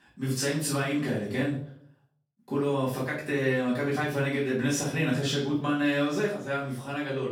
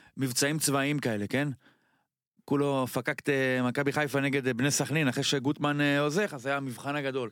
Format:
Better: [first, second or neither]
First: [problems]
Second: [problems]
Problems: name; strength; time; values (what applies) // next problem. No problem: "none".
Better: second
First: off-mic speech; far // room echo; noticeable; dies away in 0.5 s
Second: none